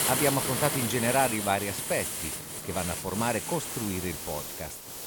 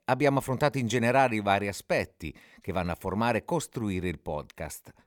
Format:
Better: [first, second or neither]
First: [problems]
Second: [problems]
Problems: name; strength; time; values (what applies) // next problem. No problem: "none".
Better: second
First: hiss; loud; throughout; 1 dB below the speech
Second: none